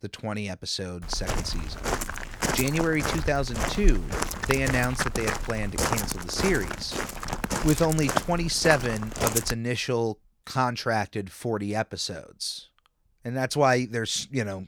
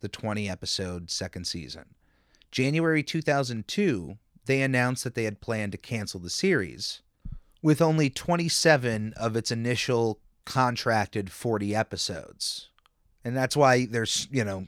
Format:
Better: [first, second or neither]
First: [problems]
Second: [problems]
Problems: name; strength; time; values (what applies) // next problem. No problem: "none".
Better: second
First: footsteps; loud; from 1 to 9.5 s; peak 2 dB above the speech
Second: none